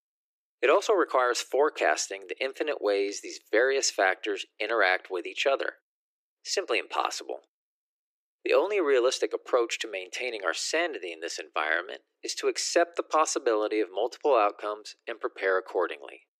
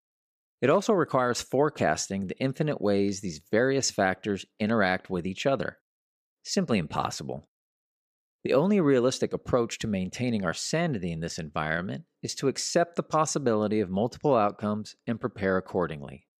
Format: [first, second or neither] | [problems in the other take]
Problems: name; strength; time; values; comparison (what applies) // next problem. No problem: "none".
second | thin; very; fading below 300 Hz